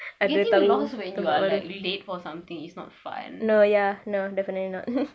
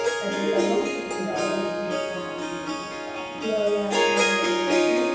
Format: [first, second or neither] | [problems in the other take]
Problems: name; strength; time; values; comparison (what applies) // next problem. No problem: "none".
first | background sound (Harp); 3 dB above the speech // room echo; dies away in 0.9 s